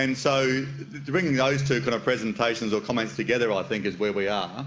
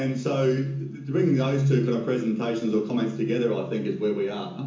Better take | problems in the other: first | room echo; dies away in 0.6 s

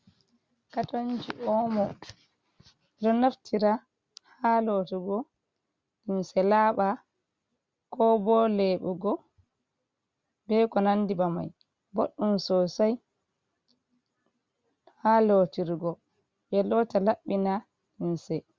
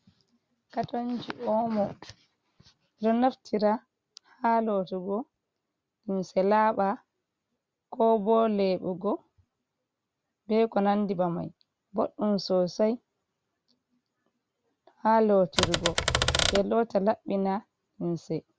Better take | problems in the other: first | background sound (Typewriter); 1 dB above the speech

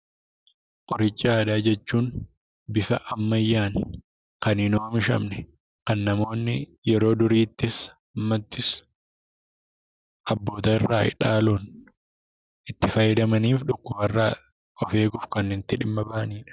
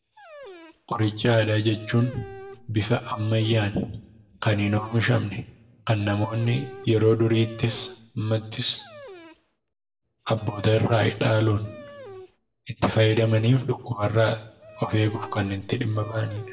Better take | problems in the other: first | background sound (Dog); 20 dB below the speech // room echo; dies away in 0.5 s

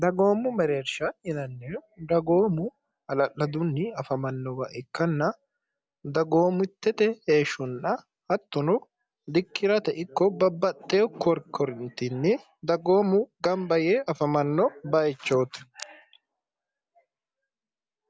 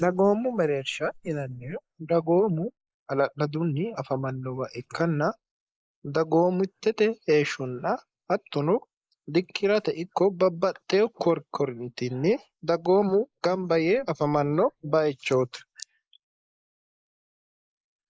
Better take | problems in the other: first | noise reduction (neural mask model Resemble Enhance denoiser)

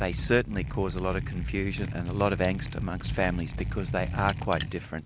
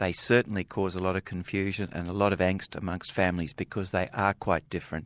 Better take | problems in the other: second | background sound (Liquid); 4 dB below the speech

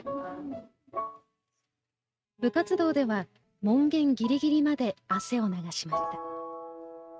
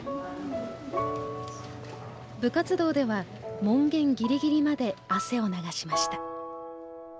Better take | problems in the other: second | noise reduction (neural mask model RNNoise)

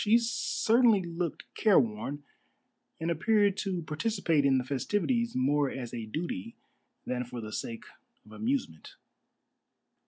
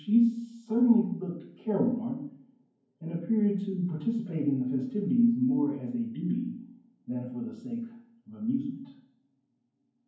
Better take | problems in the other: first | room echo; dies away in 0.9 s

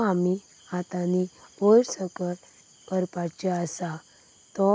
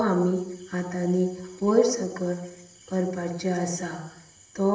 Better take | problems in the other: first | room echo; dies away in 0.8 s

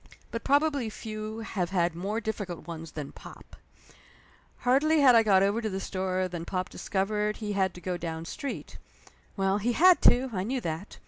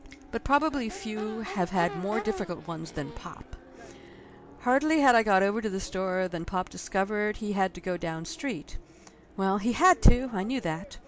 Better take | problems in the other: first | background sound (Crowd / Race car, auto racing / Accelerating, revving, vroom); 18 dB below the speech

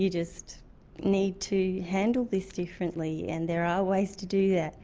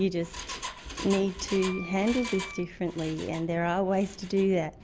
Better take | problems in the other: first | background sound (Engine + Wind instrument, woodwind instrument); 13 dB below the speech

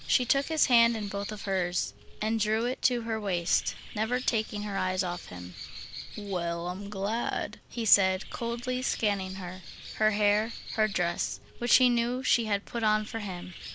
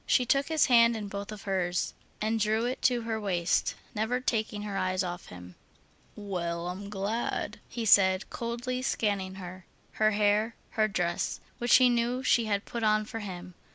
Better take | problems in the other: second | background sound (Bird); 14 dB below the speech

